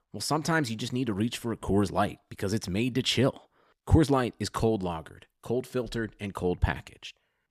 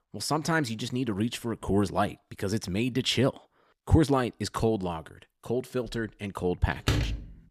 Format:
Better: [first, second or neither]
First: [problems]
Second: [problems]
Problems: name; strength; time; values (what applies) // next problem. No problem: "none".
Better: first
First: none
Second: door banging; loud; at 7 s; peak level with the speech